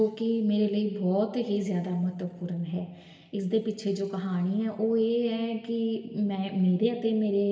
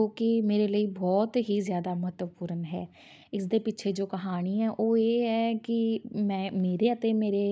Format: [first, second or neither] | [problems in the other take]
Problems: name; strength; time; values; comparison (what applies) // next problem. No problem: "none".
second | room echo; dies away in 2.4 s